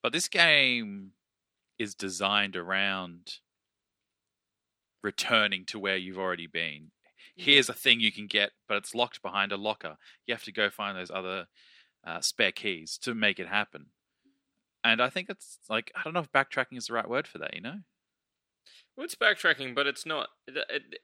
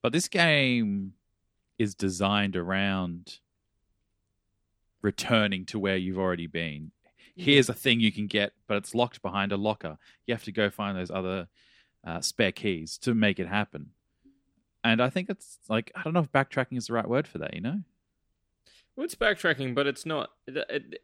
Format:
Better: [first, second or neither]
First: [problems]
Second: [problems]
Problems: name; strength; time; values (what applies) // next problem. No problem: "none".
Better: second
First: thin; somewhat; fading below 650 Hz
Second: none